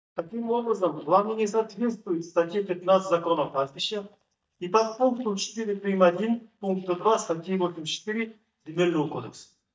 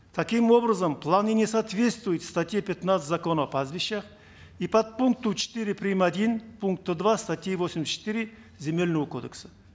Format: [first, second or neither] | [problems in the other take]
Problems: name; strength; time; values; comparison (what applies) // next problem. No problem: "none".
second | noise reduction (neural mask model DeepFilterNet 3)